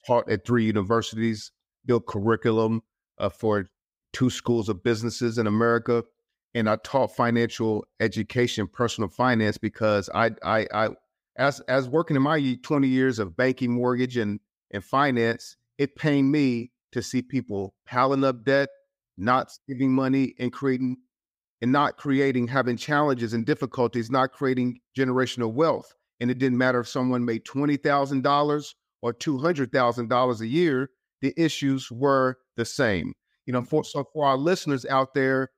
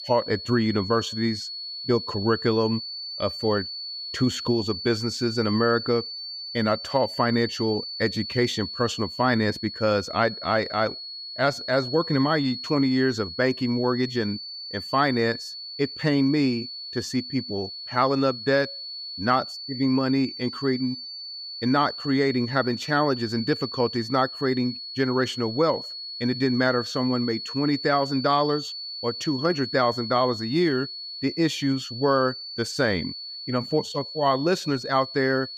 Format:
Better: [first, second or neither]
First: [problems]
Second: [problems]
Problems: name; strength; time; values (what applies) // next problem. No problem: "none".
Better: first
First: none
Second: high-pitched whine; loud; throughout; 4.5 kHz, 8 dB below the speech